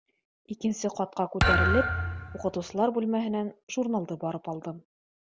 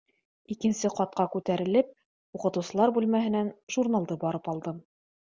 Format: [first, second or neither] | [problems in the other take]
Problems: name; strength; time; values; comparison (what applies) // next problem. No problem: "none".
second | background sound (Thump, thud); 2 dB above the speech